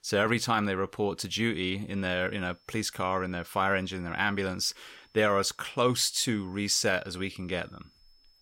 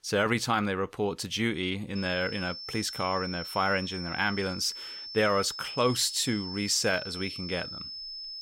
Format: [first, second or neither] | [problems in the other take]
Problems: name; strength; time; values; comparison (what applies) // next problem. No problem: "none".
first | high-pitched whine; loud; from 2 s on; 5.5 kHz, 8 dB below the speech; faint in the first